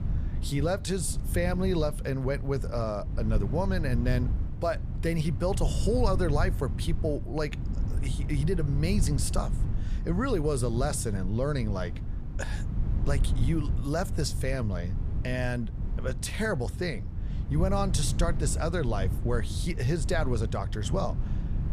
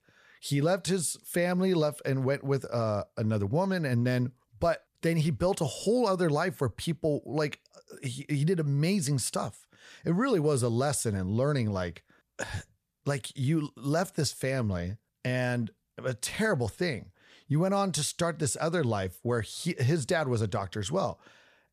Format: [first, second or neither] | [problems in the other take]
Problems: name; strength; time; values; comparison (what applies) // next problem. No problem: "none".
second | wind noise on the microphone; occasional gusts; 15 dB below the speech